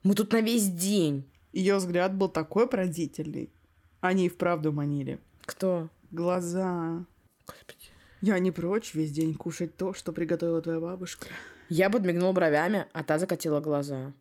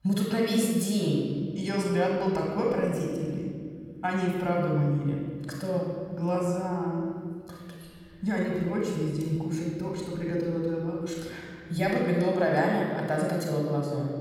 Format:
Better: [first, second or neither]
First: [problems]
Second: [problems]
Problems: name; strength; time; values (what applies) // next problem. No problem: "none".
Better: first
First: none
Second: off-mic speech; somewhat distant // room echo; noticeable; dies away in 1.9 s